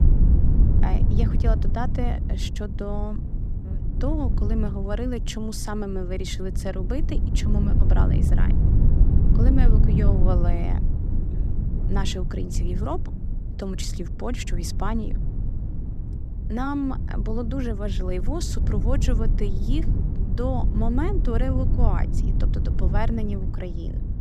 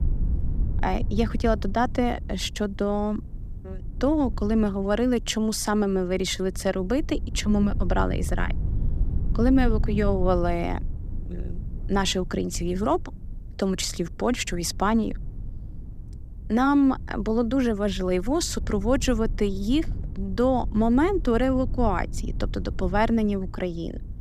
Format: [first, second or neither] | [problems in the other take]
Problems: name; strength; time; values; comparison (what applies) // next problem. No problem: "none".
second | low rumble; loud; throughout; 6 dB below the speech; faint in the second